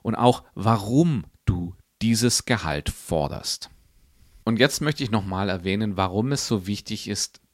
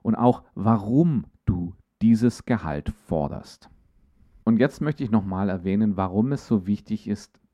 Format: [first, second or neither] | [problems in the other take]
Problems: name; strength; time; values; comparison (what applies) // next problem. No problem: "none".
first | muffled; very; fading above 2 kHz